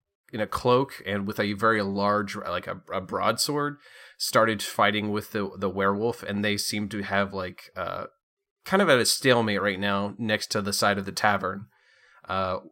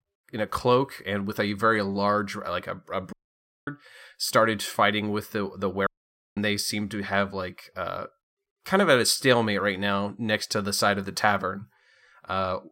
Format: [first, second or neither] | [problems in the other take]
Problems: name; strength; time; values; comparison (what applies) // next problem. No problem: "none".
first | audio cutting out; at 3 s for 0.5 s and at 6 s for 0.5 s